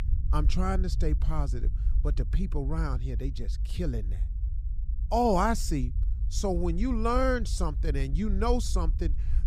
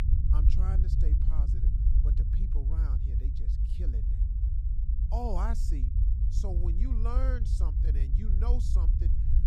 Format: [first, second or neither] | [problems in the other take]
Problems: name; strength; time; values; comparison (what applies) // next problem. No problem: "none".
first | low rumble; loud; throughout; 4 dB below the speech; faint in the first